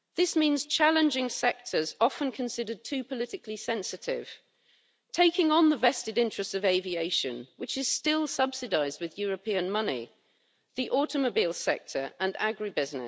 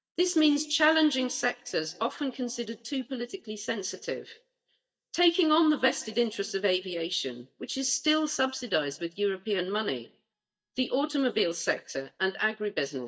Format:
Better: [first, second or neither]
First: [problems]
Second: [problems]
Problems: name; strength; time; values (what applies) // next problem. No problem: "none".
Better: first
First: none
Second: noise reduction (neural mask model DeepFilterNet 3)